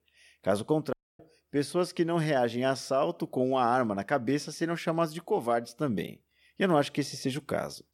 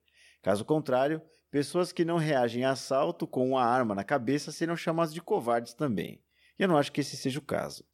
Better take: second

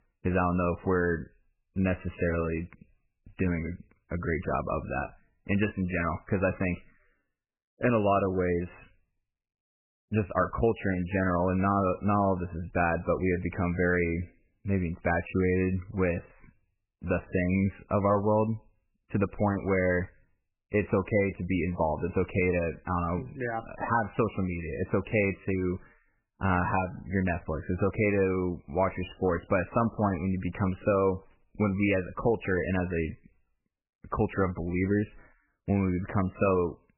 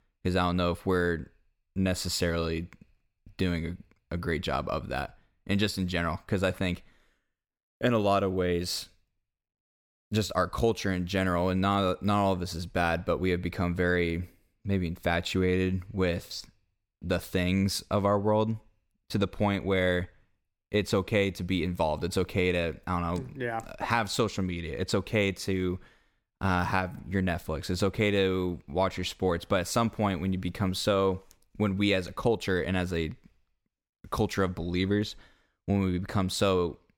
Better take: second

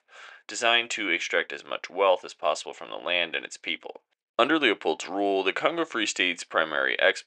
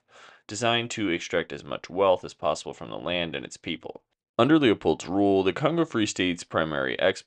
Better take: second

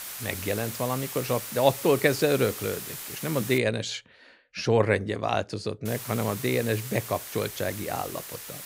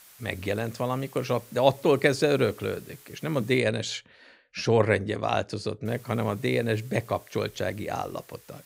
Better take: second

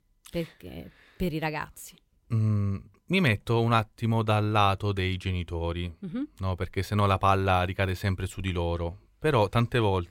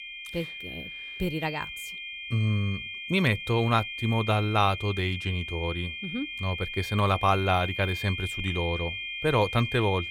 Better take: first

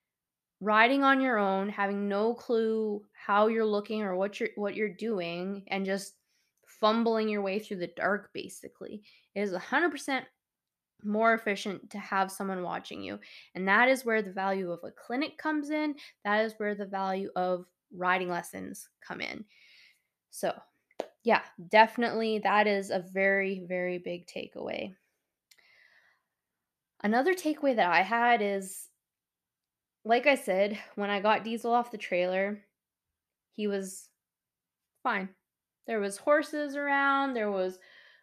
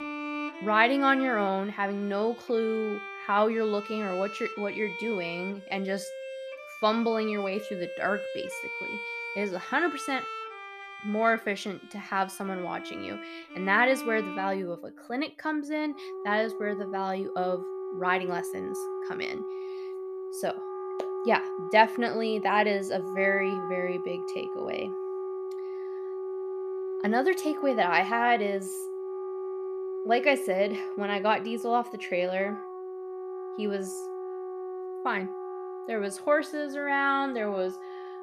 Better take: first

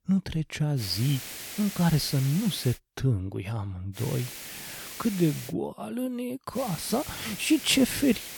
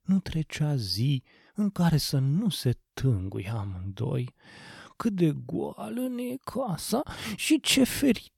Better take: second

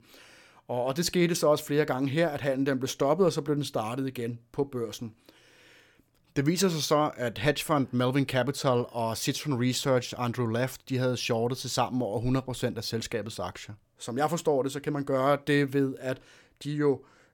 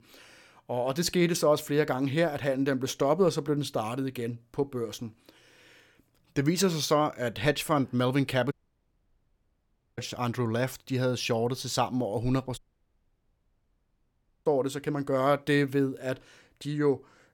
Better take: first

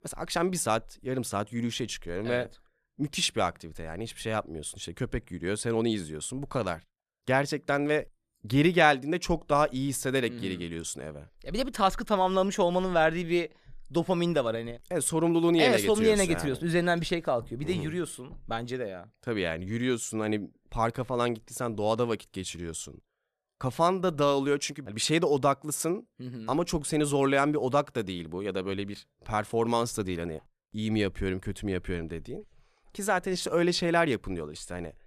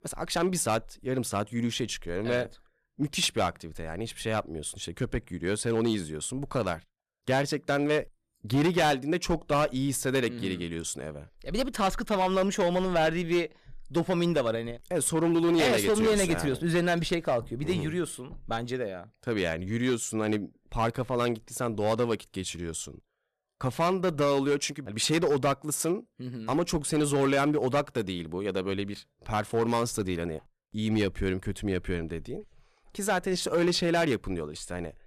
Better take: first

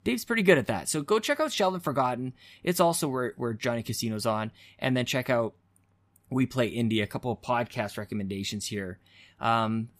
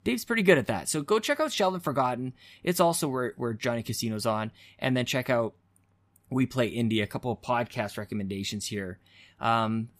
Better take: neither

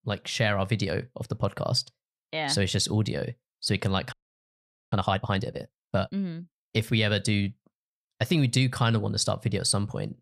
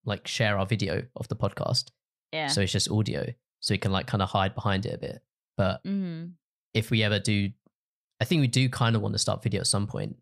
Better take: second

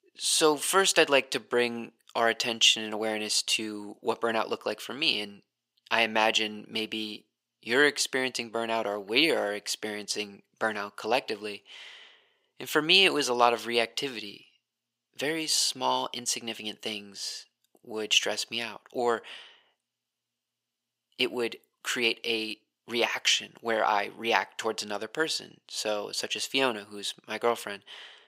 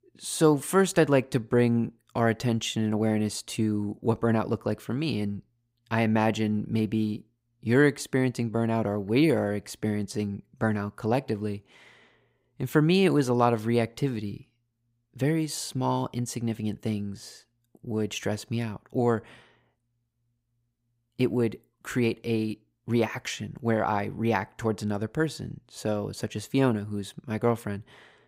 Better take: second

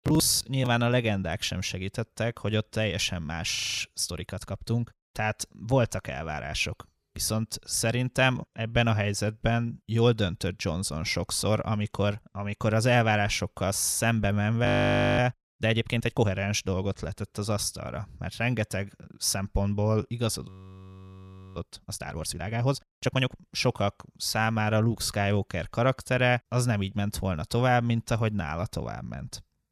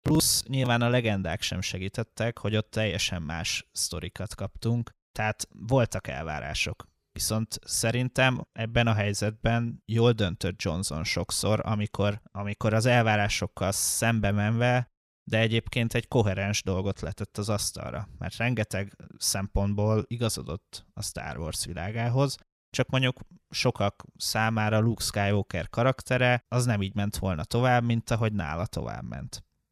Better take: second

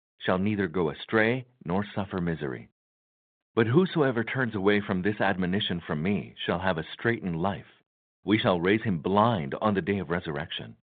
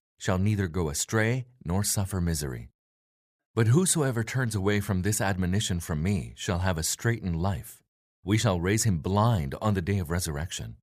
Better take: second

